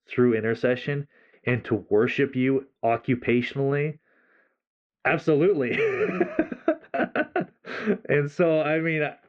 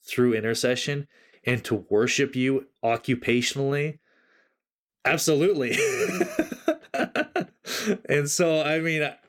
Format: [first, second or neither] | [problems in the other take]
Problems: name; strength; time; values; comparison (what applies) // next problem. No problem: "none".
second | muffled; very; fading above 2.5 kHz